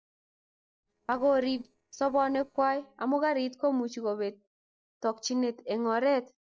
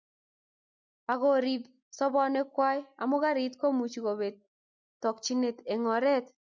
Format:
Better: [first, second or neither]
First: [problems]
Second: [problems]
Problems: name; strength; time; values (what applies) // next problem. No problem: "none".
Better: second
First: noise reduction (neural separator model SepFormer DNS4)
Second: none